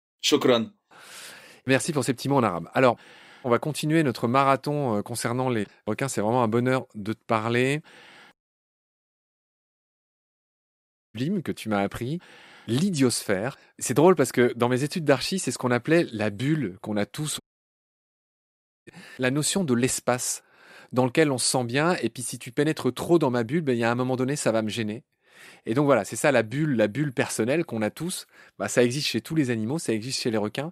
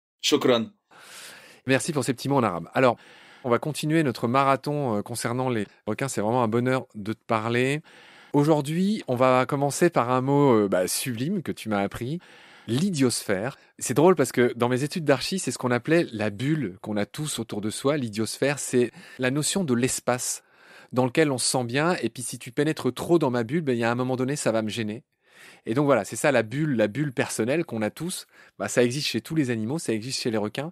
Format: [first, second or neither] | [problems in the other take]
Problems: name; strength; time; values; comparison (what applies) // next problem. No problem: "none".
second | audio cutting out; at 8.5 s for 3 s and at 17 s for 1.5 s